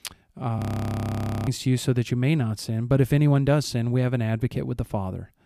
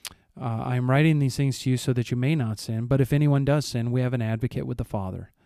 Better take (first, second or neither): second